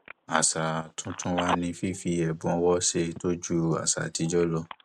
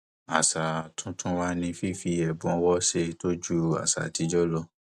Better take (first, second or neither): second